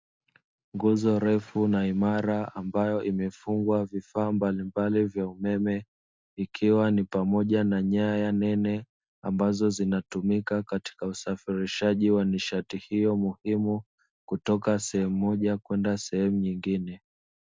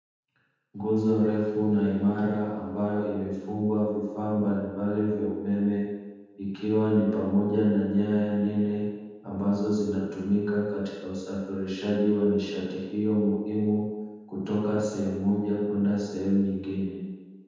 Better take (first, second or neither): first